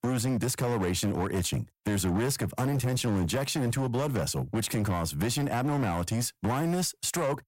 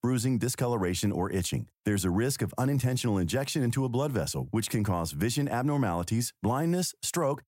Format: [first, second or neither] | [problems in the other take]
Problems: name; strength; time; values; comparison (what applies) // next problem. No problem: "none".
second | distortion; slight; 21% of the sound clipped